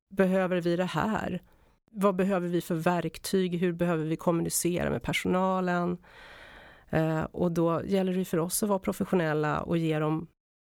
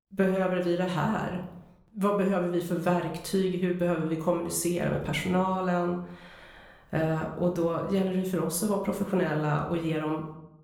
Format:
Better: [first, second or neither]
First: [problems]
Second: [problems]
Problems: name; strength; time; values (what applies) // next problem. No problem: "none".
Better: first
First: none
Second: room echo; slight; dies away in 0.6 s // off-mic speech; somewhat distant